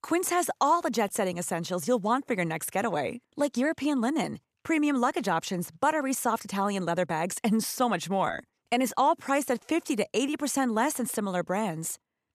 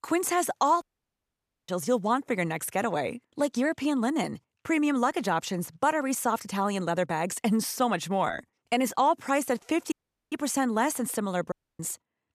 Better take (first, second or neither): first